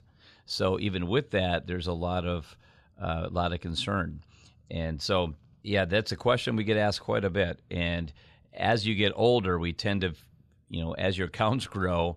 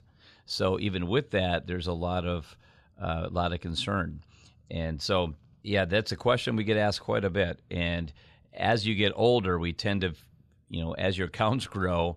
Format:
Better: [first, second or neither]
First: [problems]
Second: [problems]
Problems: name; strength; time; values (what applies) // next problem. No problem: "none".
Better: neither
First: none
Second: none